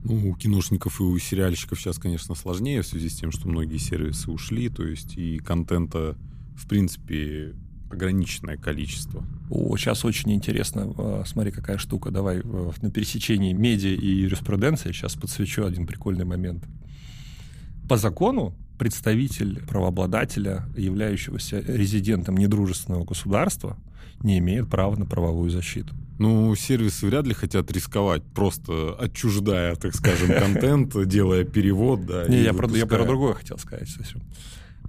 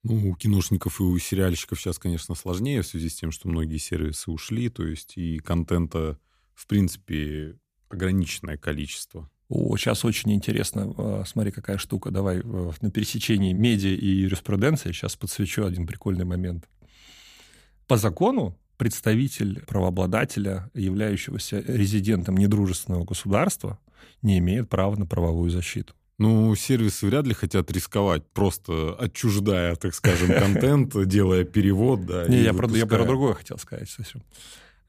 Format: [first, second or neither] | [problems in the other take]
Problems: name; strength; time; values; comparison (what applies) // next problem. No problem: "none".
second | low rumble; faint; throughout; 20 dB below the speech